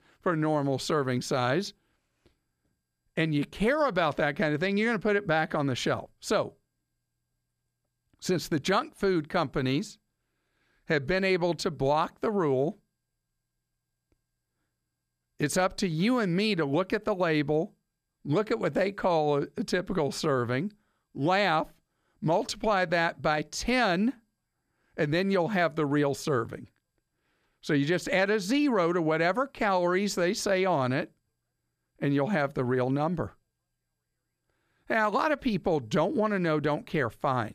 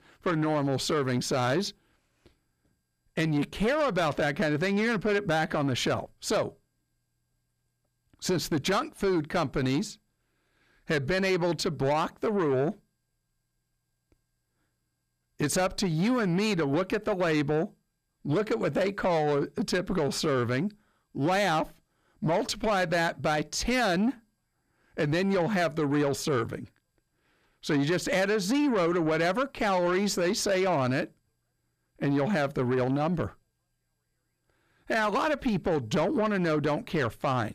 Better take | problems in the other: first | distortion; slight; 10 dB below the speech

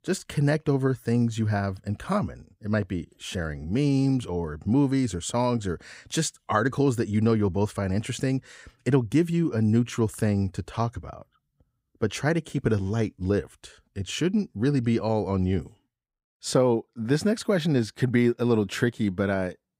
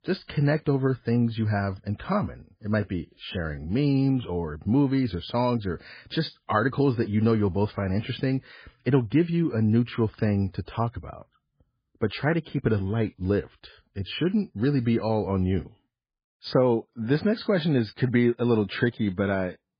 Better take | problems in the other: first | garbled, watery; badly

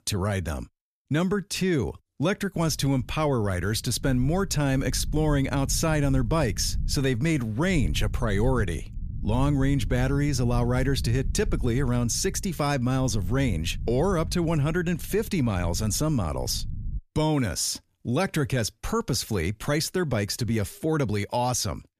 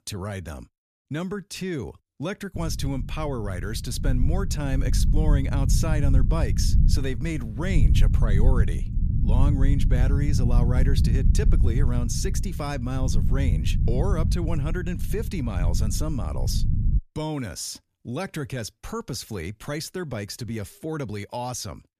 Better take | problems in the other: first | low rumble; loud; from 2.5 to 17 s; 6 dB below the speech; faint in the first

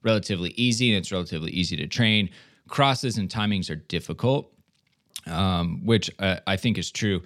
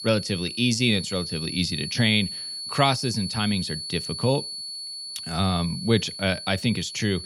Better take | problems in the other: first | high-pitched whine; loud; throughout; 4.5 kHz, 7 dB below the speech

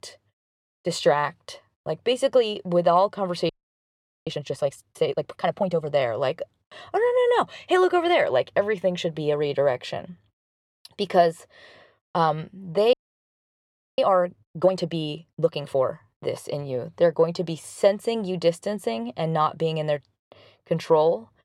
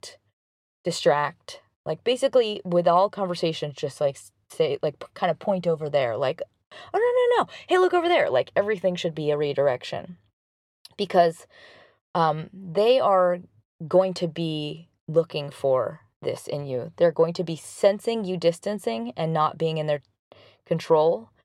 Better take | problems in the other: second | audio freezing; at 3.5 s for 1 s and at 13 s for 1 s

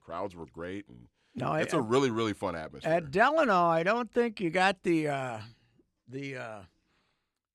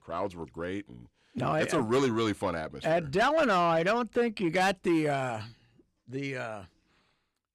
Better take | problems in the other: first | distortion; slight; 10 dB below the speech

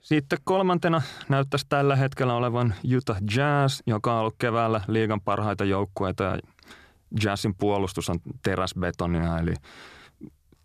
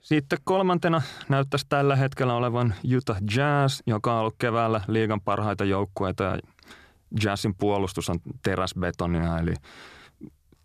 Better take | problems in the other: neither | none

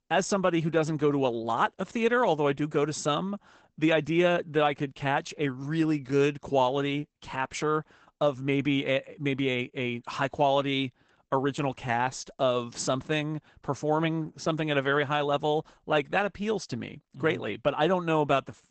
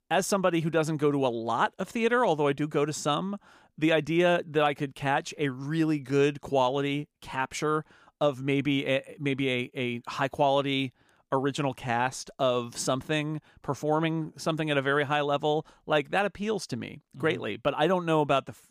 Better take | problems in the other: second | garbled, watery; badly; nothing above 8 kHz

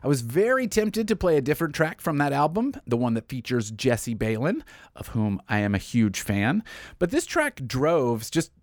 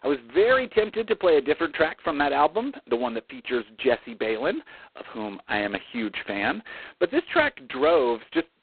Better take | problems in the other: first | phone-call audio; poor line; nothing above 4 kHz

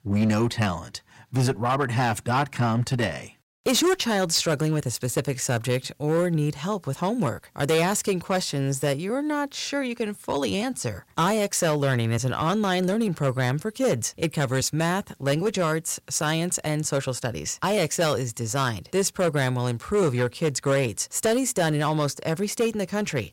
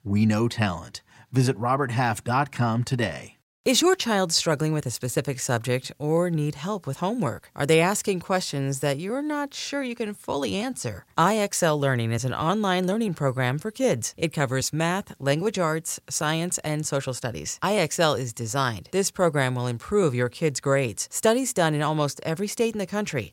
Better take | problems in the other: second | distortion; slight; 7% of the sound clipped

